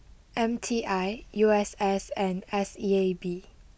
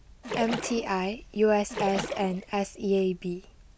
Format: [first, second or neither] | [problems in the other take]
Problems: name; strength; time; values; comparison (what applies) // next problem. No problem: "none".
first | background sound (Splash, splatter); 8 dB below the speech